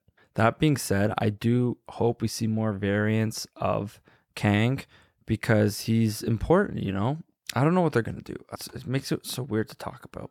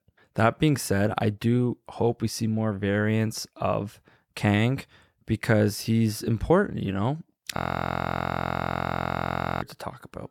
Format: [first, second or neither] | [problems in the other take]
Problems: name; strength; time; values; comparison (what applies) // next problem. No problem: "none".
first | audio freezing; at 7.5 s for 2 s